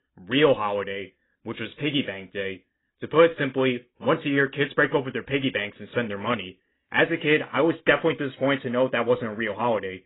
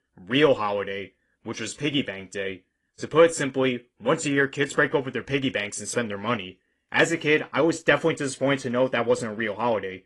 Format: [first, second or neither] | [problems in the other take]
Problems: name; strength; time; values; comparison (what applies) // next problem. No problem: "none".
second | garbled, watery; badly; nothing above 3.5 kHz; slightly in the second